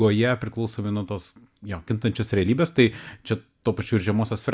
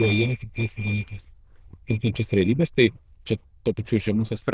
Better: first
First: none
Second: noise reduction (neural diffusion model UNIVERSE++)

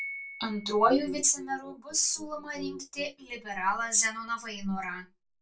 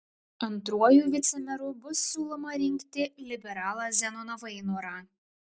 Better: second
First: background sound (Piano); 19 dB below the speech // room echo; dies away in 0.2 s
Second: none

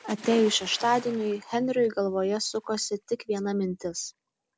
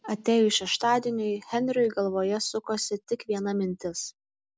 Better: second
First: background sound (Splash, splatter); 18 dB below the speech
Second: none

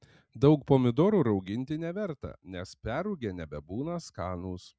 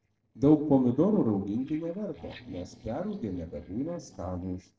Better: first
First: none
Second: noise reduction (neural separator model SepFormer DNS4)

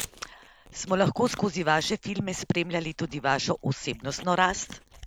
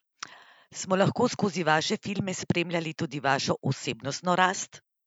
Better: second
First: background sound (Chewing, mastication); 18 dB below the speech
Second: none

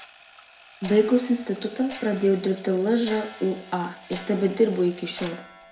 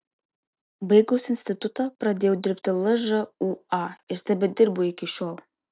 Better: second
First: background sound (Clock); 18 dB below the speech // room echo; dies away in 0.4 s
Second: none

